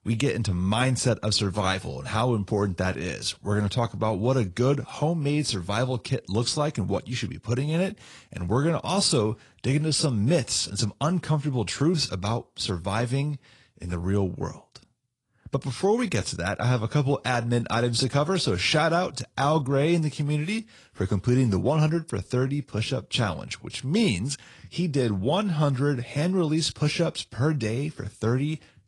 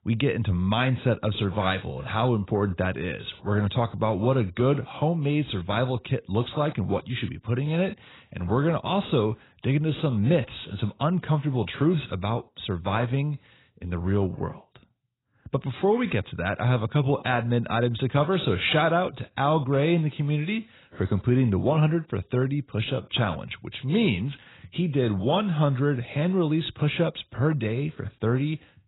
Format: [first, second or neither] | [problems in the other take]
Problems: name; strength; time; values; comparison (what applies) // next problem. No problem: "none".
first | garbled, watery; badly; nothing above 4 kHz; slightly in the first